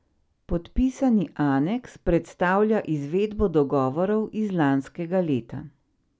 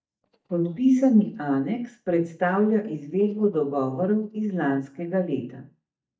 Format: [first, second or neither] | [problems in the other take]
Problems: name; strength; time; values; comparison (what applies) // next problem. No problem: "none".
first | noise reduction (neural mask model DeepFilterNet 3)